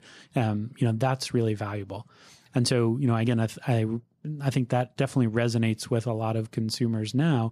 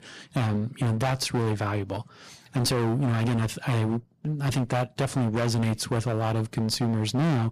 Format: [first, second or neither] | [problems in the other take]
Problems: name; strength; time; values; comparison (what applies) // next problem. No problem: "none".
first | distortion; heavy; 25% of the sound clipped